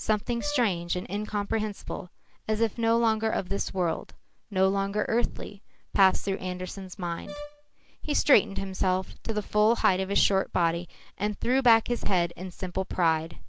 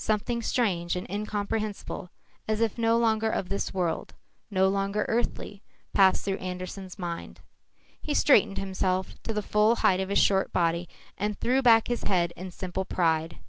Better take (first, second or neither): second